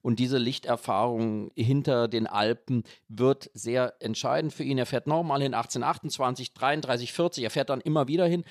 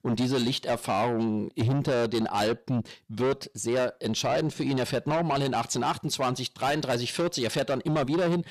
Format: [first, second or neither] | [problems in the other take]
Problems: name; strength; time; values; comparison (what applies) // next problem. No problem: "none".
first | distortion; heavy; 7 dB below the speech